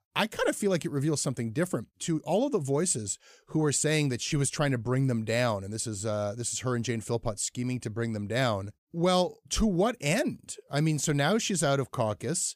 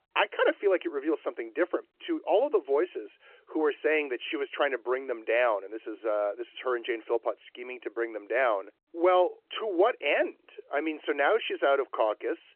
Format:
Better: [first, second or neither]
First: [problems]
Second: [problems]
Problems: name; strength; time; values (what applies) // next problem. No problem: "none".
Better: first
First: none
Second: phone-call audio; nothing above 3 kHz